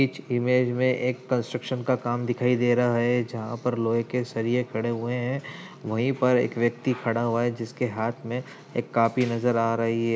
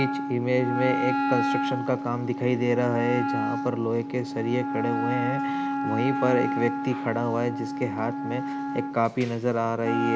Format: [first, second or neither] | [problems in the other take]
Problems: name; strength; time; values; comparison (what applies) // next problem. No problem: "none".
first | background sound (Wind instrument, woodwind instrument); 2 dB below the speech